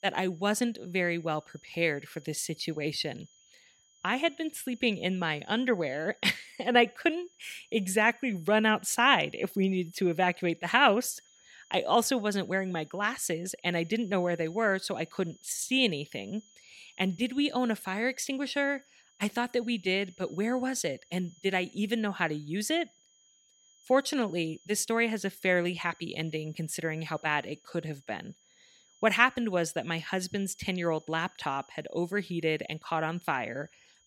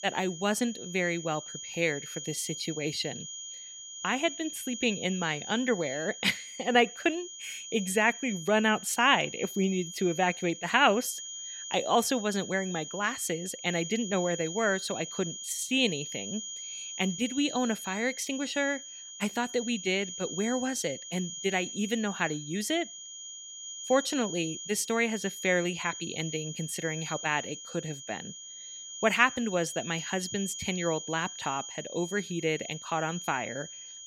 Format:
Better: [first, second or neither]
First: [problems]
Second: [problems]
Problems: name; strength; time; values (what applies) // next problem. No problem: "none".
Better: first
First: high-pitched whine; faint; throughout; 6.5 kHz, 30 dB below the speech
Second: high-pitched whine; loud; throughout; 6.5 kHz, 9 dB below the speech